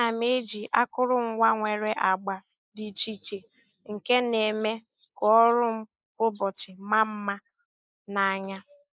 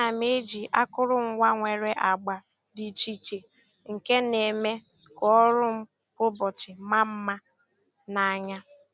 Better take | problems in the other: second | noise reduction (neural mask model Resemble Enhance denoiser)

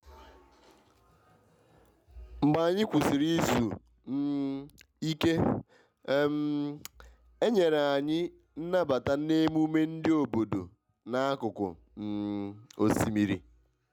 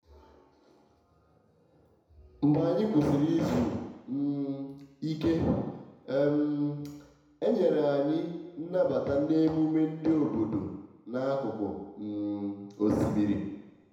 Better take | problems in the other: first | room echo; dies away in 1 s

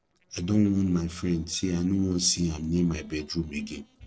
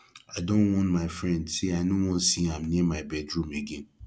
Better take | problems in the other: second | noise reduction (neural separator model SepFormer DNS4)

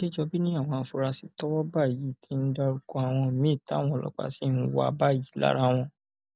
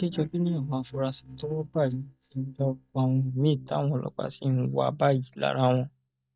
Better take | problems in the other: first | noise reduction (neural mask model DeepFilterNet 3)

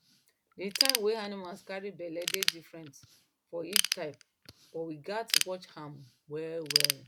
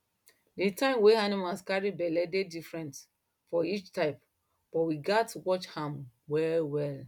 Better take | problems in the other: second | background sound (Ratchet, pawl / Tools); 4 dB above the speech

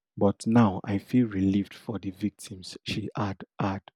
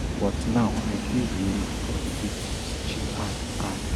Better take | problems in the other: first | background sound (Train); 1 dB above the speech

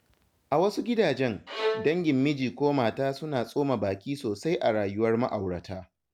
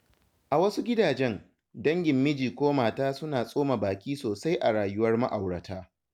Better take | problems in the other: second | background sound (Bowed string instrument); 8 dB below the speech

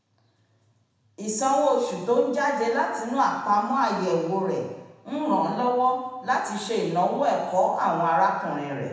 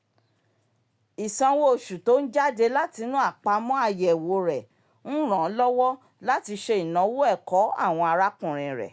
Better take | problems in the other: second | room echo; dies away in 1 s

